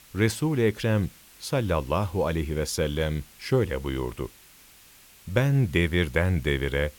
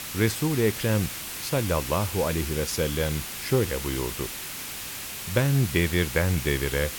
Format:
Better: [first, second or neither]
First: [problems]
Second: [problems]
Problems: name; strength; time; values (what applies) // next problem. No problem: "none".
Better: first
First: hiss; faint; throughout; 25 dB below the speech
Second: hiss; loud; throughout; 6 dB below the speech